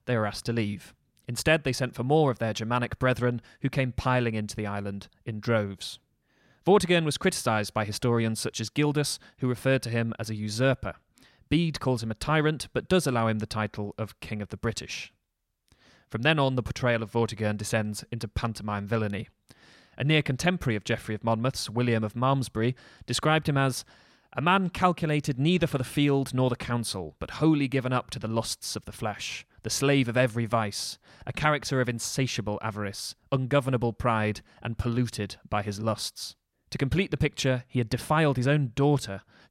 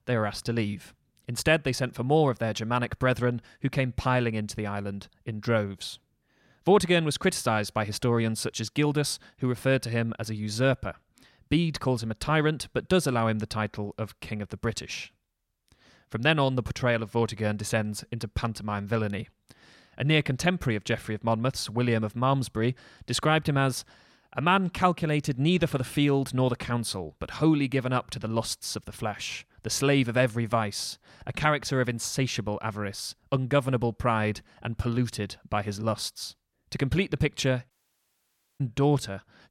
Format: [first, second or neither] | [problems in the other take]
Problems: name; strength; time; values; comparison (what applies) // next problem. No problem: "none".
first | audio cutting out; at 38 s for 1 s